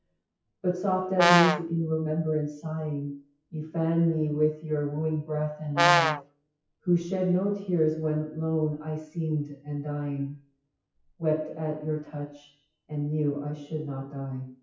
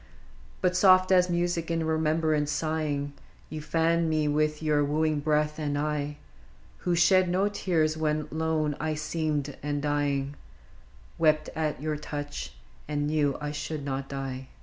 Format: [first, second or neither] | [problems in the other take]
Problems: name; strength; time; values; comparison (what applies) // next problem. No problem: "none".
second | noise reduction (classical method WPE with log-MMSE)